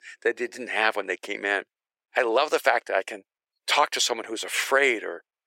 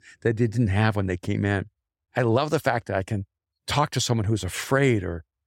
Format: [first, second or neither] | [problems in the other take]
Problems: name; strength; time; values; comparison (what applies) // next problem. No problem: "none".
second | thin; very; fading below 400 Hz